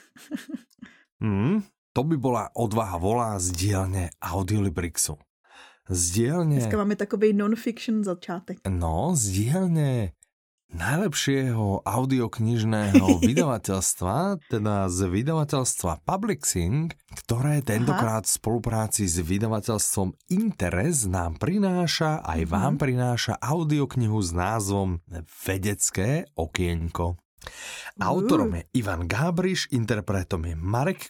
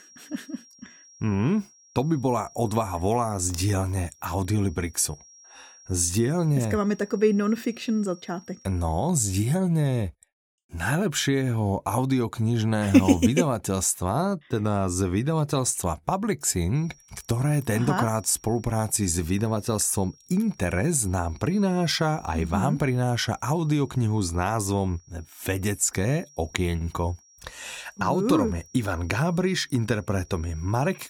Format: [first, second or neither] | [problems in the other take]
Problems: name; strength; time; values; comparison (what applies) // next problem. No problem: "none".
first | high-pitched whine; faint; until 9 s and from 17 s on; 5.5 kHz, 25 dB below the speech